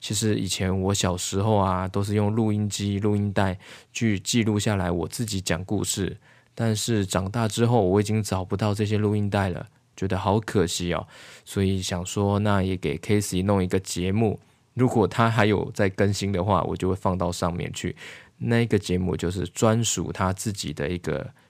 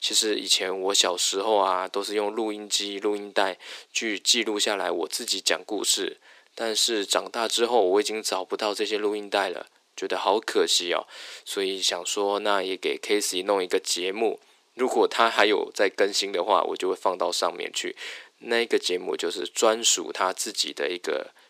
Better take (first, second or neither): first